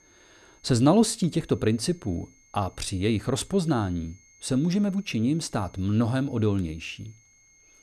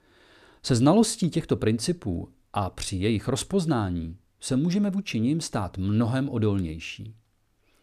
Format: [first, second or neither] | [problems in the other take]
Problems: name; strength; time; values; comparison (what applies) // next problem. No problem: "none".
second | high-pitched whine; faint; throughout; 6.5 kHz, 30 dB below the speech